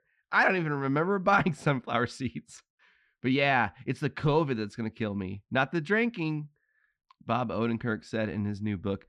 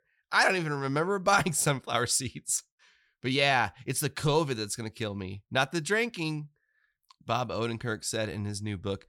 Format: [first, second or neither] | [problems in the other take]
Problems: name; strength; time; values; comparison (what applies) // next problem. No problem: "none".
second | muffled; very; fading above 2 kHz